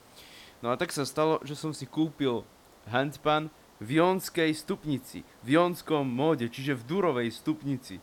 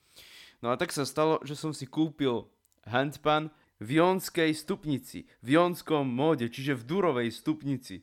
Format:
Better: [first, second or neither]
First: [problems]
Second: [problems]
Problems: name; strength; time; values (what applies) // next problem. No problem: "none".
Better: second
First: hiss; faint; throughout; 25 dB below the speech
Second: none